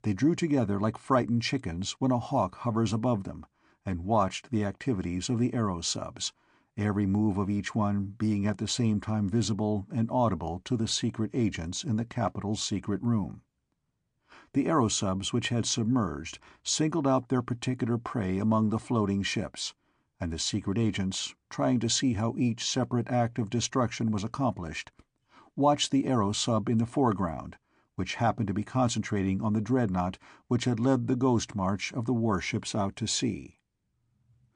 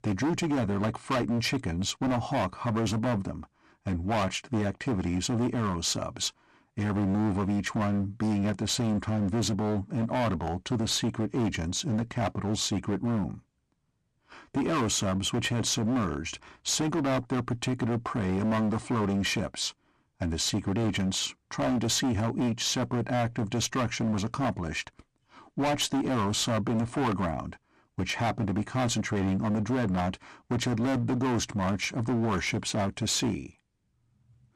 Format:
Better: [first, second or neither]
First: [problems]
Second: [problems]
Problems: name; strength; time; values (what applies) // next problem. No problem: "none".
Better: first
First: none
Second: distortion; heavy; 21% of the sound clipped